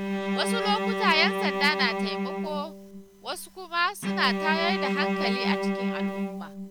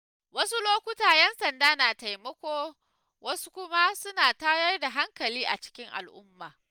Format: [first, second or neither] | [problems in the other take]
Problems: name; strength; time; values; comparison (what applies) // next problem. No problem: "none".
second | background sound (Bowed string instrument); 1 dB above the speech